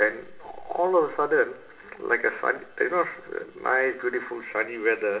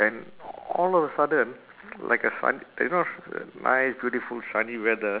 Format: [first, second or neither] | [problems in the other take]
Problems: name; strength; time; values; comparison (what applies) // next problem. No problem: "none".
second | room echo; dies away in 1.1 s